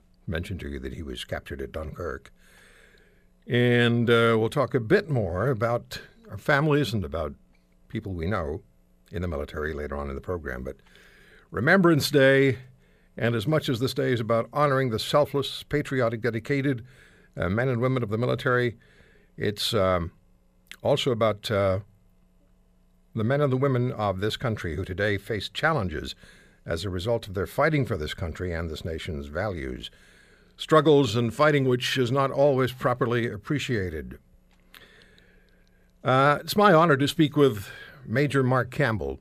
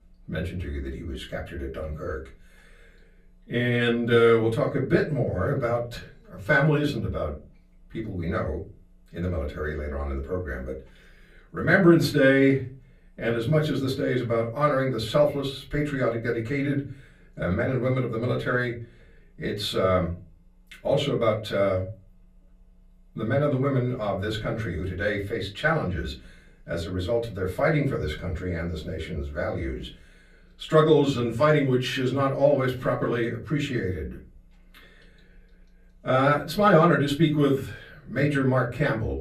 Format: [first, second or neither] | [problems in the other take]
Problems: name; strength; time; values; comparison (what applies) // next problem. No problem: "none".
first | off-mic speech; far // room echo; very slight; dies away in 0.3 s